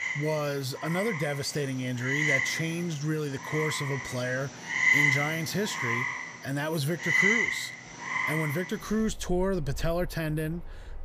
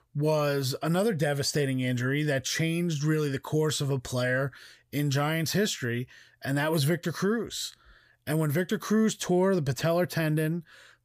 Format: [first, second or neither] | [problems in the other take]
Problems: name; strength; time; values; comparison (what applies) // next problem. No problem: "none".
second | animal sounds; very loud; throughout; 3 dB above the speech